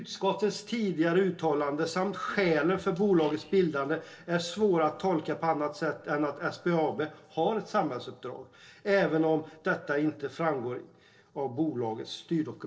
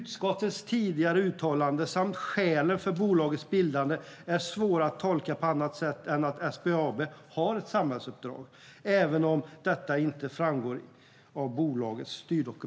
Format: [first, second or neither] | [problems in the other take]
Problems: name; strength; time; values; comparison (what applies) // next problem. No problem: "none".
second | noise reduction (neural separator model SepFormer DNS4)